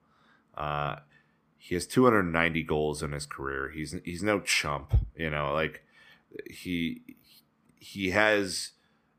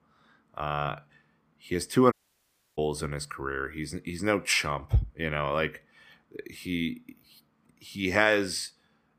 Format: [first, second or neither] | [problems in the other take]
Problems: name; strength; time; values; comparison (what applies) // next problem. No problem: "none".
first | audio cutting out; at 2 s for 0.5 s